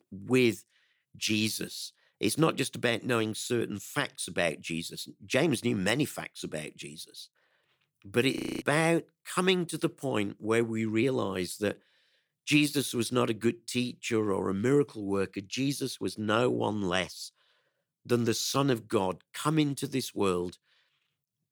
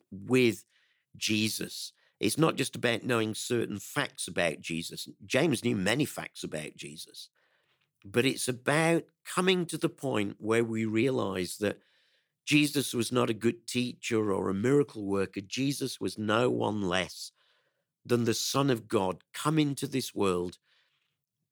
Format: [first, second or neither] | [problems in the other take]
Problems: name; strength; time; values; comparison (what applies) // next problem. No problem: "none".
second | audio freezing; at 8.5 s